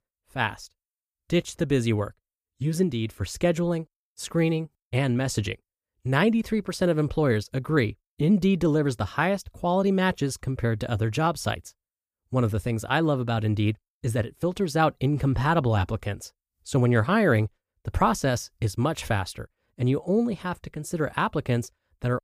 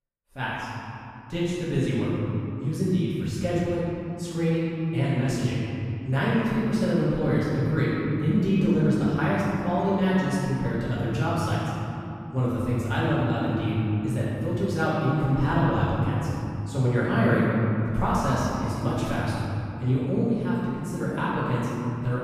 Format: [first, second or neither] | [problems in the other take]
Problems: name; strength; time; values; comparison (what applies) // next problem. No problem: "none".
first | room echo; strong; dies away in 3 s // off-mic speech; far